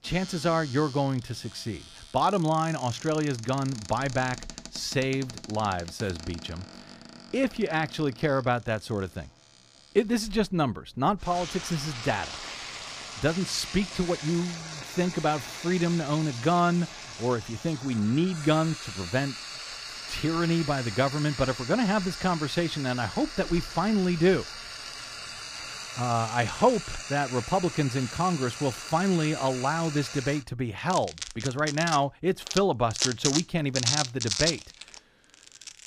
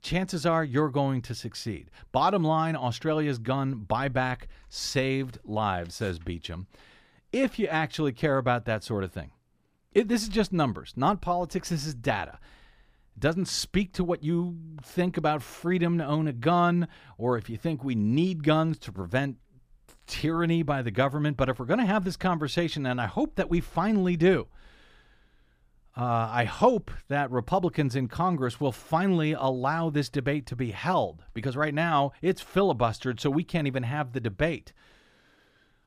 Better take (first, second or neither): second